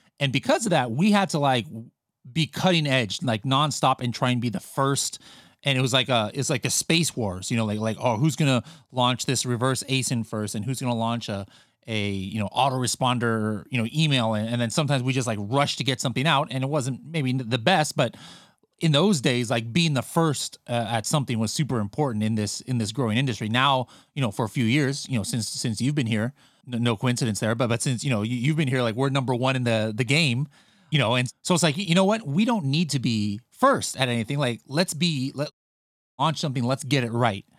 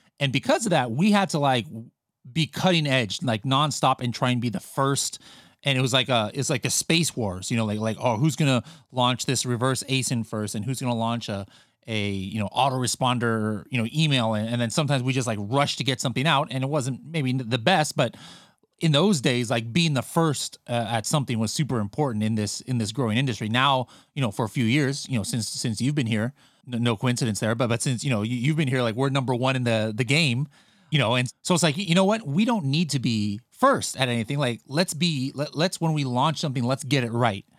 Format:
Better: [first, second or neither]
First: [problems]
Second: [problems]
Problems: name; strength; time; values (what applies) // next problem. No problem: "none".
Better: second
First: audio cutting out; at 36 s for 0.5 s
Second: none